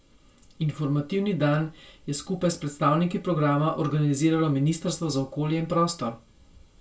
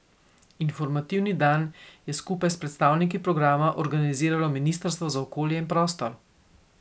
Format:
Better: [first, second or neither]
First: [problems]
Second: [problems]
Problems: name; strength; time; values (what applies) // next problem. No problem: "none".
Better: second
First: room echo; dies away in 0.2 s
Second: none